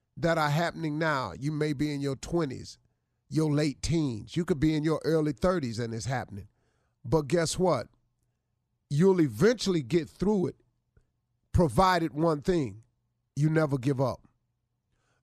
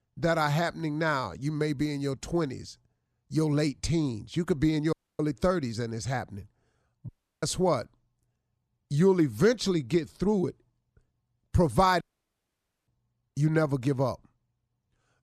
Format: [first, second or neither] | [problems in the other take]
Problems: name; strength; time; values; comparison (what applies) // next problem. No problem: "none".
first | audio cutting out; at 5 s, at 7 s and at 12 s for 1 s